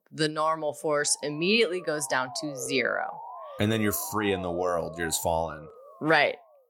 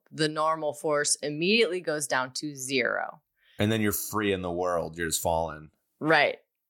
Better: second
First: siren; faint; from 1 s on; peak 10 dB below the speech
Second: none

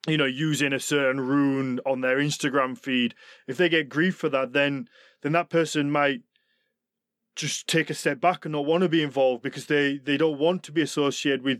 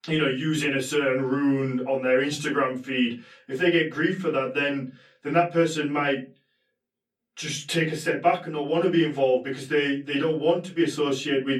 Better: first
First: none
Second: off-mic speech; far // room echo; very slight; dies away in 0.2 s

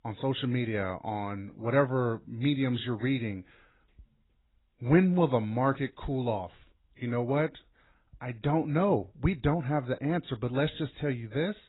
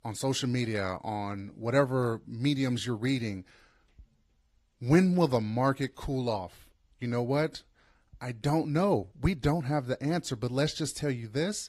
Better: second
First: garbled, watery; badly; nothing above 4 kHz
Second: garbled, watery; slightly

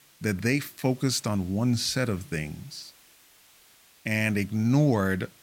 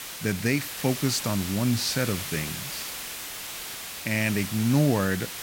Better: first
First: hiss; faint; throughout; 25 dB below the speech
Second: hiss; loud; throughout; 7 dB below the speech

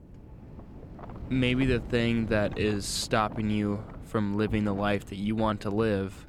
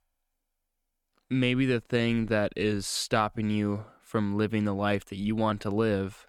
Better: second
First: wind noise on the microphone; occasional gusts; 20 dB below the speech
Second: none

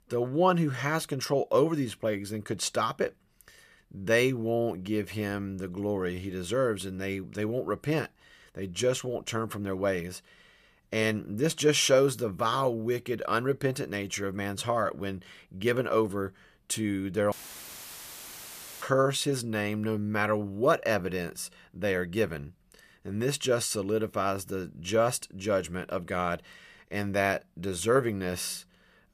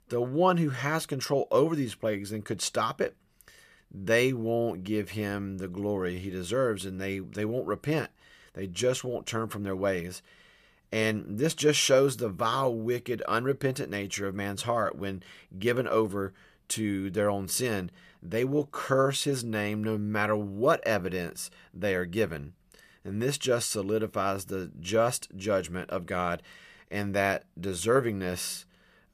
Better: second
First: audio cutting out; filled with static; at 17 s for 1.5 s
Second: none

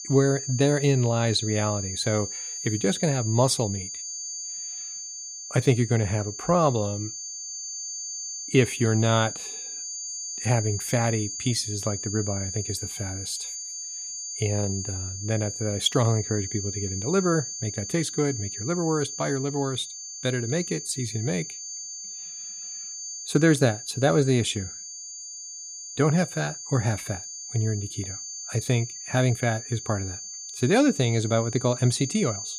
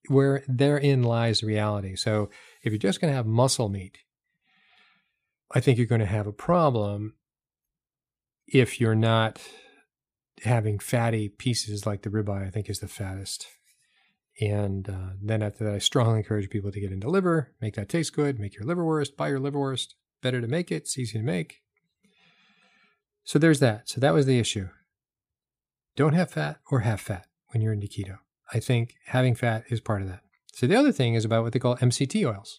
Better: second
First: high-pitched whine; loud; throughout; 6.5 kHz, 7 dB below the speech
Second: none

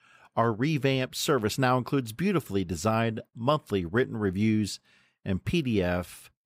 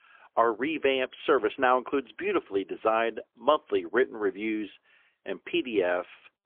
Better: first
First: none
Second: phone-call audio; poor line; nothing above 3.5 kHz

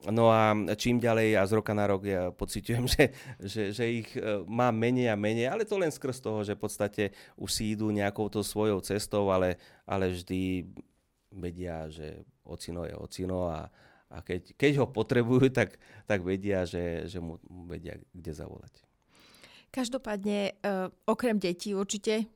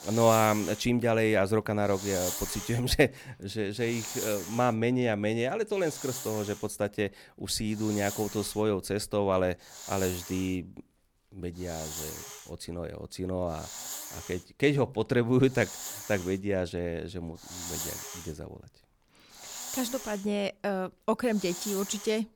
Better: first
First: none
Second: hiss; loud; throughout; 9 dB below the speech

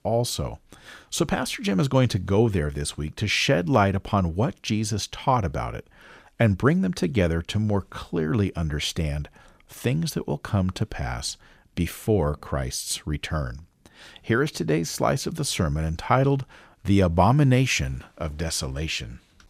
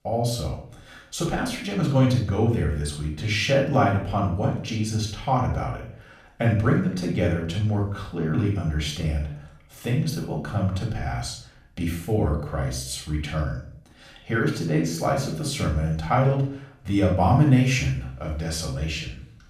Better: first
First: none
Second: off-mic speech; far // room echo; noticeable; dies away in 0.5 s

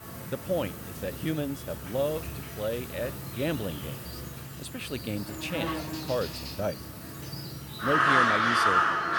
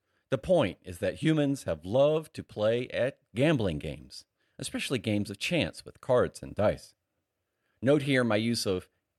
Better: second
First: animal sounds; very loud; throughout; 3 dB above the speech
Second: none

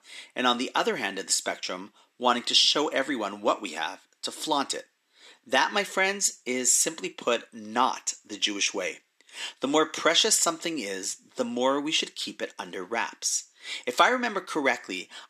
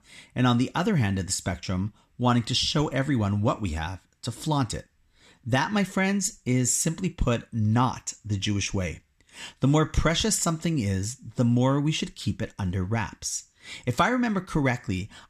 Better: second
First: thin; somewhat; fading below 350 Hz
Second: none

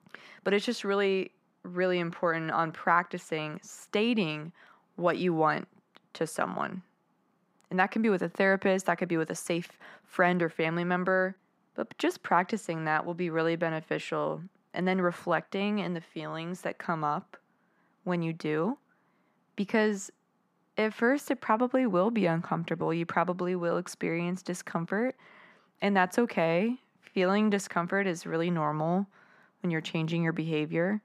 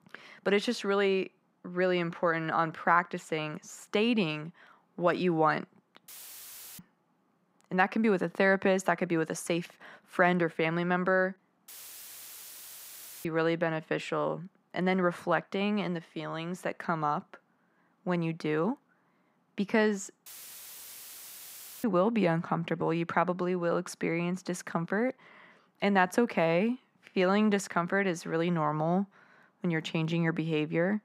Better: first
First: none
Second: audio cutting out; filled with static; at 6 s for 0.5 s, at 12 s for 1.5 s and at 20 s for 1.5 s

